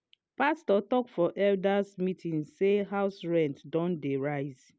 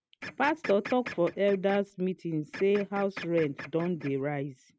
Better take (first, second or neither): first